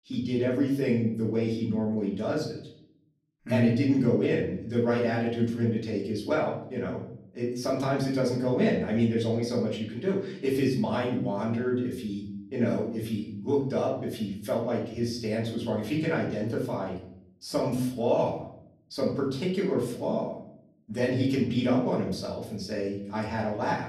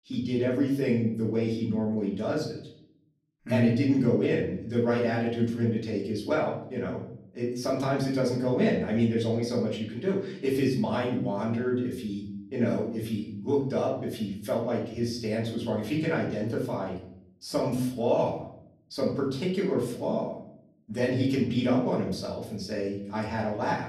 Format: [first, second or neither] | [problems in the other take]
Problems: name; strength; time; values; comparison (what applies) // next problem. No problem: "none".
neither | room echo; slight; dies away in 0.6 s; the same in both // off-mic speech; far; the same in both